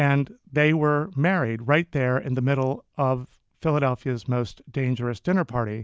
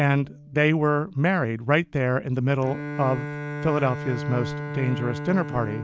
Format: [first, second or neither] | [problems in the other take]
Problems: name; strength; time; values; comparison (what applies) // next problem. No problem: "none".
first | background sound (Bowed string instrument); 10 dB below the speech